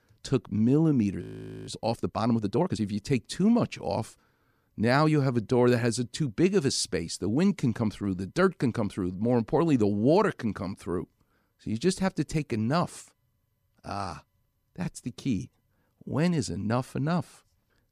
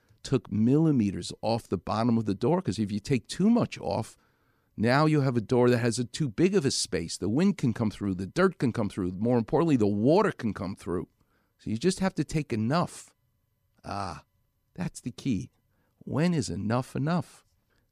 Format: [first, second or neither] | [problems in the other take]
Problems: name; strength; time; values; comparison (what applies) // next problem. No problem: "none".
second | audio freezing; at 1 s